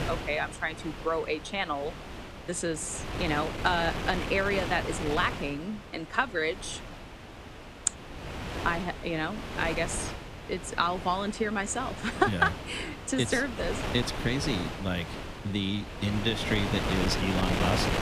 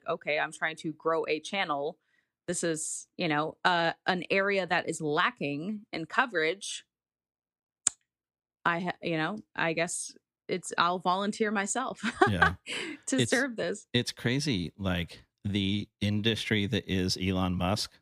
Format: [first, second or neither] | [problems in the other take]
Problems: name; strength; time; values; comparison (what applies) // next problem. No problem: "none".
second | wind noise on the microphone; heavy; 7 dB below the speech